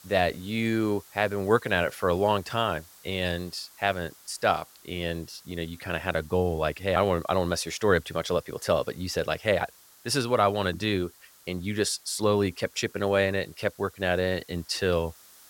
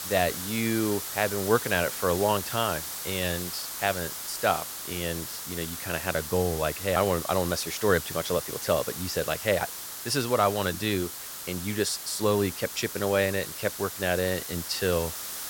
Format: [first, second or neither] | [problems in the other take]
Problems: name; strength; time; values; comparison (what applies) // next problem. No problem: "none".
first | hiss; loud; throughout; 6 dB below the speech; faint in the first